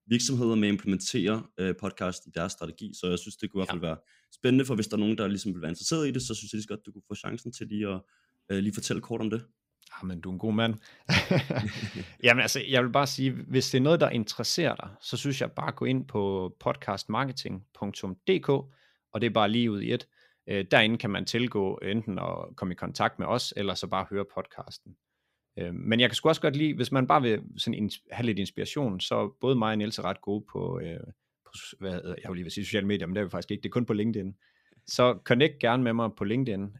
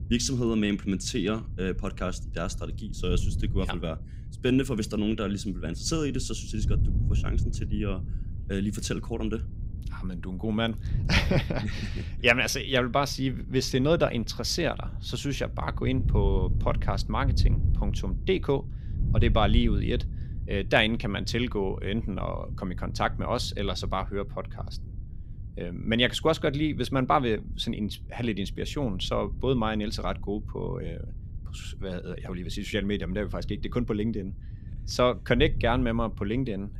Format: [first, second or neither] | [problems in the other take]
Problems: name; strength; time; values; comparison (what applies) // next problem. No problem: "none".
first | wind noise on the microphone; occasional gusts; 20 dB below the speech